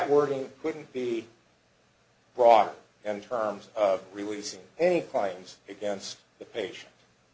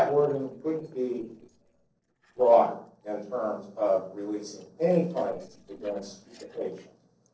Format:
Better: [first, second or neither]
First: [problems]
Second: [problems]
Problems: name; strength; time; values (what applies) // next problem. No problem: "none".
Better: first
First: none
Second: noise reduction (neural separator model SepFormer DNS4)